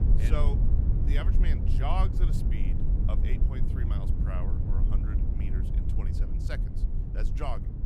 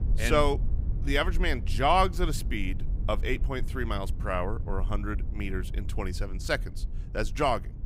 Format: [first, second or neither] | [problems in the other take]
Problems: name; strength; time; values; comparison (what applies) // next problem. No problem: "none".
second | low rumble; loud; throughout; 3 dB below the speech; faint in the second